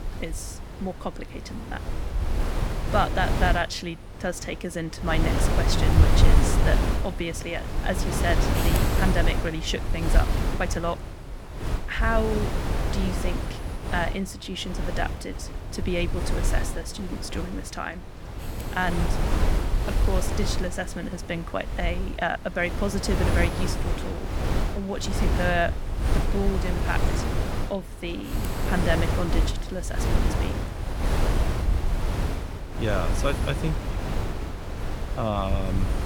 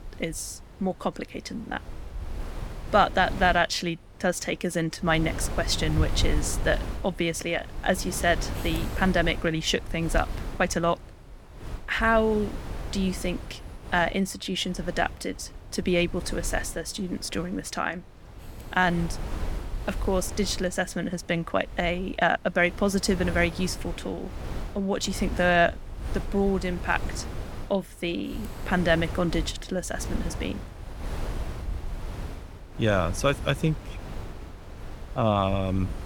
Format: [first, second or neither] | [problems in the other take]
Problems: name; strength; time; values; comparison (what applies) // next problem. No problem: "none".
second | wind noise on the microphone; heavy; 3 dB below the speech; occasional gusts in the second